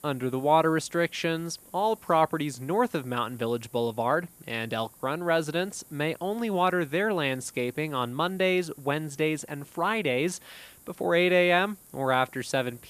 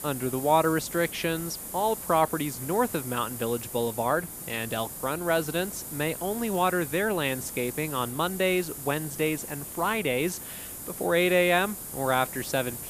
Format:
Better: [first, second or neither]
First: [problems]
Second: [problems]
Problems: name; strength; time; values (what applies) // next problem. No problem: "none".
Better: first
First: hiss; faint; throughout; 25 dB below the speech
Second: hiss; loud; throughout; 9 dB below the speech